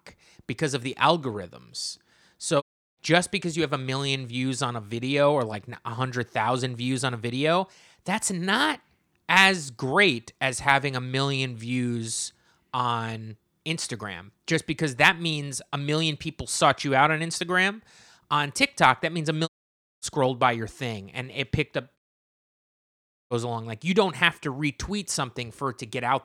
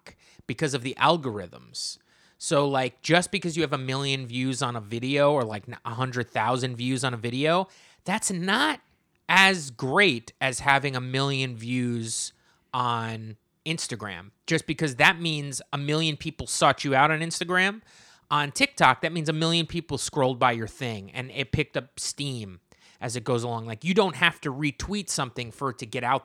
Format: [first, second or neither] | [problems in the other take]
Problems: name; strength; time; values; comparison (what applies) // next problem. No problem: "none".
second | audio cutting out; at 2.5 s, at 19 s for 0.5 s and at 22 s for 1.5 s